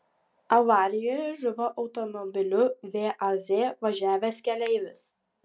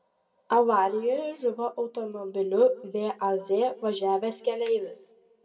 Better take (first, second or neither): first